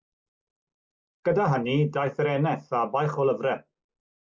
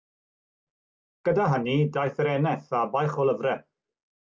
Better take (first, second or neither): second